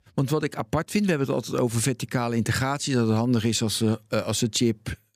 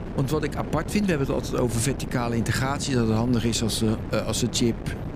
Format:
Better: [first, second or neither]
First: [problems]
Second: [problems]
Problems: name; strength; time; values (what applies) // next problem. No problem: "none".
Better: first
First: none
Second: wind noise on the microphone; occasional gusts; 10 dB below the speech